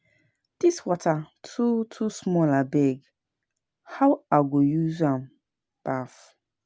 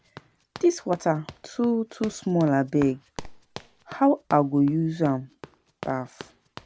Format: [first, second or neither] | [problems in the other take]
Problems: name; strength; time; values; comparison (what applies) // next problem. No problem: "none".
first | background sound (Run); 18 dB below the speech